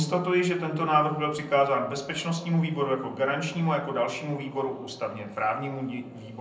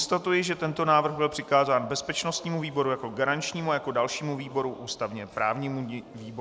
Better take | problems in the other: second | room echo; dies away in 0.6 s

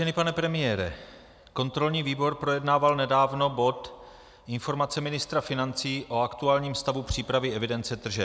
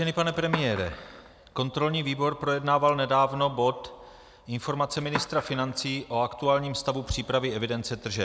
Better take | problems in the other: first | background sound (Skateboard); 15 dB below the speech

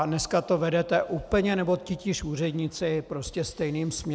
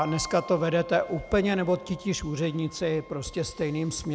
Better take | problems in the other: first | background sound (Wind instrument, woodwind instrument); 19 dB below the speech

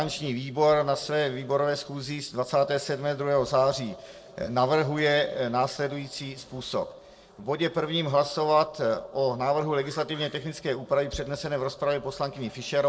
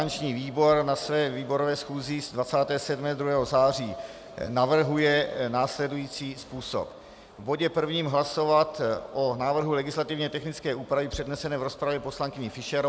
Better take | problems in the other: second | noise reduction (neural separator model SepFormer DNS4)

